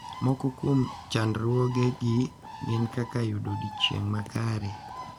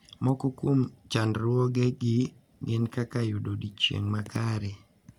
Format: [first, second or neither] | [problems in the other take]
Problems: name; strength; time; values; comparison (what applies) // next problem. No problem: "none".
second | background sound (Bird); 14 dB below the speech